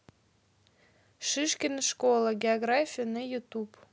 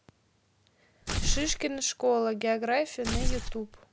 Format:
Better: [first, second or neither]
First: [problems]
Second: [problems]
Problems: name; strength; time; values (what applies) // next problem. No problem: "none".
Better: first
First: none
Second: background sound (Tearing); 1 dB above the speech